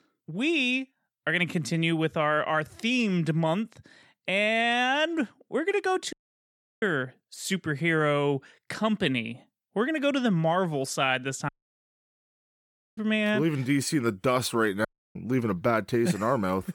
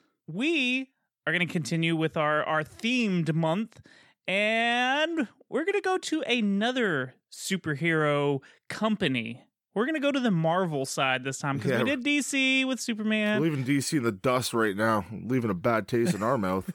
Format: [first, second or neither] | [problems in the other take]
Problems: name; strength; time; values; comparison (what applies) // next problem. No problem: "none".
second | audio cutting out; at 6 s for 0.5 s, at 11 s for 1.5 s and at 15 s